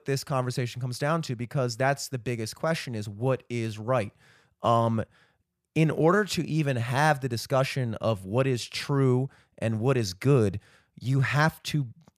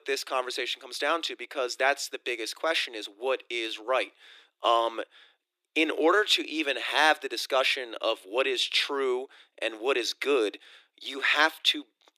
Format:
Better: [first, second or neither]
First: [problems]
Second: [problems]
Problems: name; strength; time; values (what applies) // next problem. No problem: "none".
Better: first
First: none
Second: thin; very; fading below 300 Hz